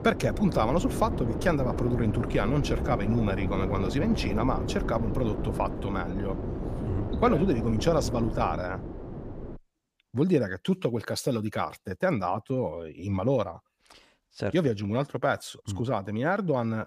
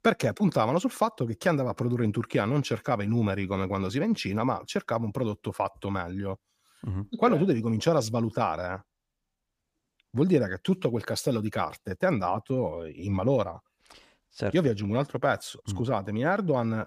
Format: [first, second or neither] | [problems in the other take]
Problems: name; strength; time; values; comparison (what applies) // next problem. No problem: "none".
second | wind noise on the microphone; heavy; until 9.5 s; 8 dB below the speech